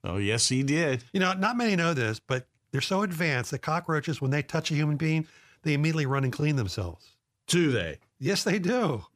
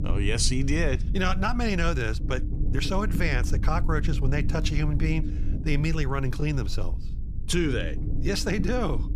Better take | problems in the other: first | low rumble; noticeable; throughout; 15 dB below the speech

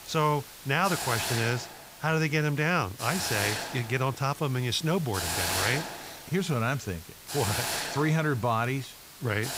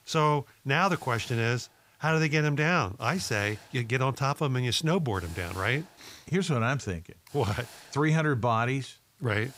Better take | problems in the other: second | hiss; loud; throughout; 4 dB below the speech; faint in the second

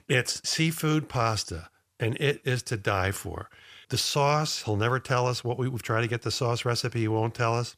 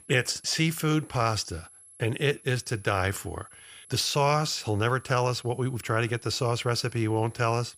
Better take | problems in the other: first | high-pitched whine; faint; throughout; 11 kHz, 25 dB below the speech

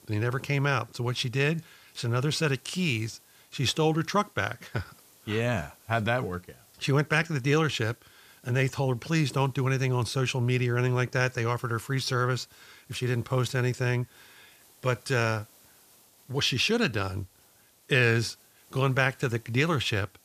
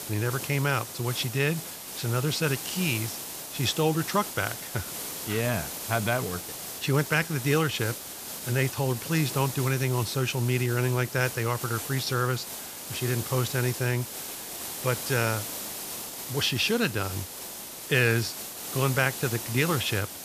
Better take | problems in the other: first | hiss; loud; throughout; 7 dB below the speech; faint in the first

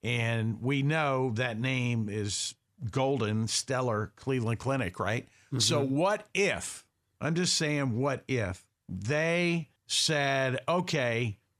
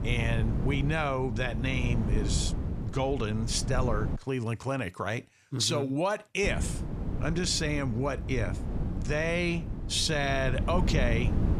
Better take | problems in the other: first | wind noise on the microphone; occasional gusts; until 4 s and from 6.5 s on; 10 dB below the speech

